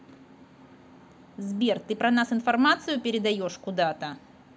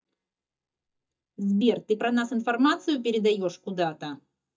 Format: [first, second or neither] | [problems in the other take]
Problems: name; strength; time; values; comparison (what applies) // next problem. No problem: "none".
first | noise reduction (neural mask model DeepFilterNet 3)